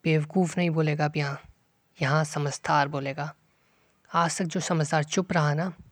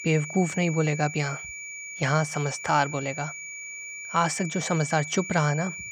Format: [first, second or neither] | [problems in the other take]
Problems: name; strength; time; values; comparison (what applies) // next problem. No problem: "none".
first | high-pitched whine; loud; throughout; 2.5 kHz, 9 dB below the speech